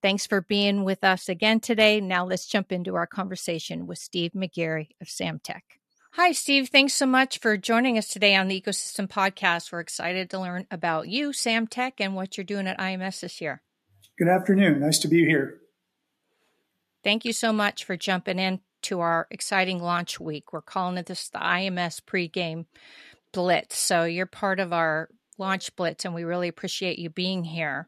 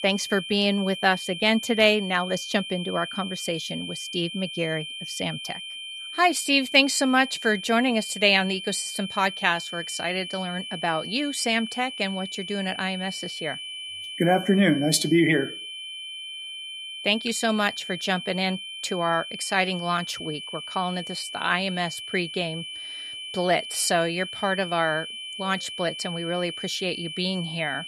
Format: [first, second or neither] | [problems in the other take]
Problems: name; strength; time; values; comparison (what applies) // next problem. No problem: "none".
first | high-pitched whine; loud; throughout; 3 kHz, 9 dB below the speech